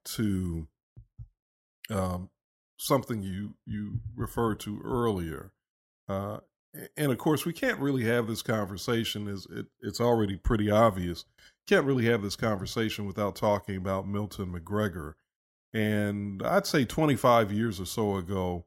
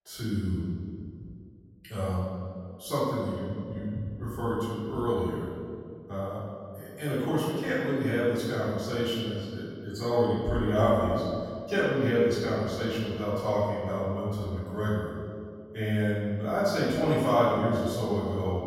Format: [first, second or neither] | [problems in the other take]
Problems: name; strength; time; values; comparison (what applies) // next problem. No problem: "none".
first | off-mic speech; far // room echo; strong; dies away in 2.2 s